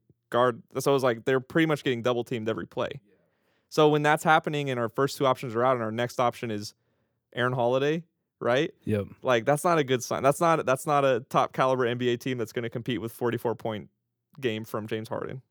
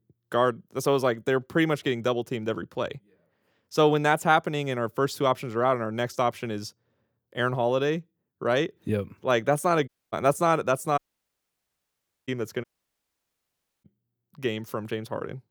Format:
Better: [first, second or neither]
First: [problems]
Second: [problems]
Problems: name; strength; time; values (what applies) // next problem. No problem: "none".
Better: first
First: none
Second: audio cutting out; at 10 s, at 11 s for 1.5 s and at 13 s for 1 s